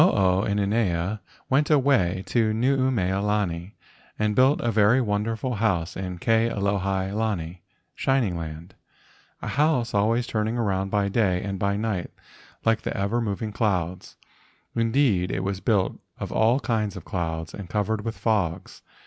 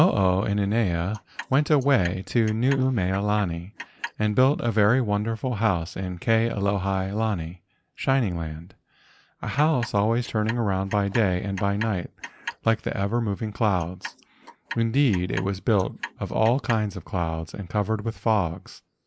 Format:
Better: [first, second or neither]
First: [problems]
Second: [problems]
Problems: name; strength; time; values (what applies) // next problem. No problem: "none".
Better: first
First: none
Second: noise reduction (neural mask model Resemble Enhance denoiser)